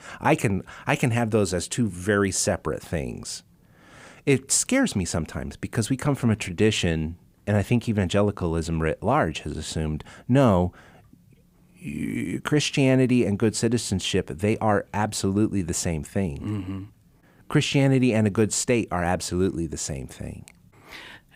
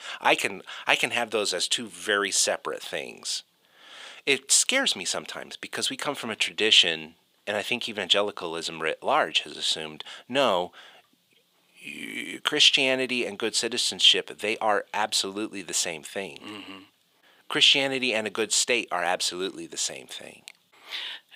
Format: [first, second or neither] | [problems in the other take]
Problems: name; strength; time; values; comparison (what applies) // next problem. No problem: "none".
first | thin; somewhat; fading below 500 Hz